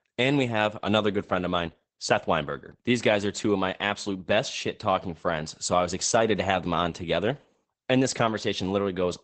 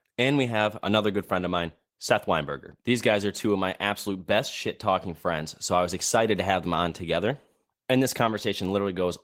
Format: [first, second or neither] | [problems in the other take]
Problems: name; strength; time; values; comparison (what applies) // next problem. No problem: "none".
second | garbled, watery; badly; nothing above 8 kHz; slightly in the second